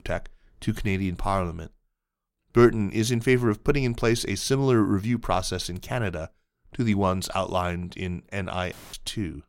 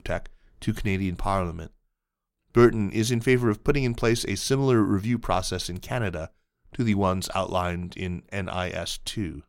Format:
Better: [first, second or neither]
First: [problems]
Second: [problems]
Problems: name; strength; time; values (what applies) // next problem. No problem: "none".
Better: second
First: audio cutting out; filled with static; at 8.5 s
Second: none